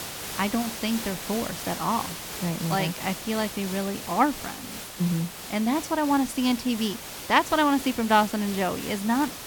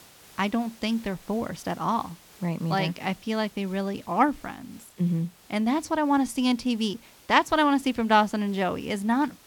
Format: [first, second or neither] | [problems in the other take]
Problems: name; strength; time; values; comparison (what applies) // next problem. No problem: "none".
second | hiss; loud; throughout; 9 dB below the speech; faint in the second